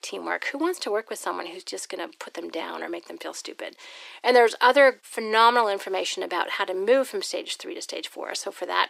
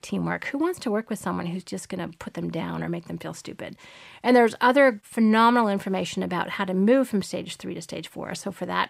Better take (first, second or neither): second